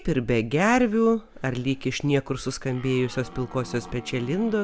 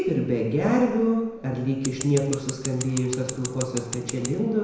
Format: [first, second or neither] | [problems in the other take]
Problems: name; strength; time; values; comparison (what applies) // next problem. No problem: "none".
first | background sound (Scissors); 11 dB below the speech // room echo; dies away in 1 s